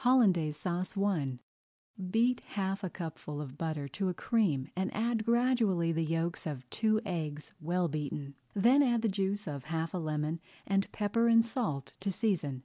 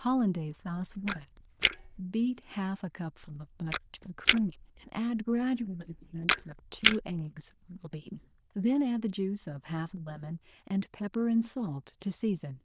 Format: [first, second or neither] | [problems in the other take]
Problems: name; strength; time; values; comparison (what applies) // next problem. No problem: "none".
first | noise reduction (neural diffusion model UNIVERSE++)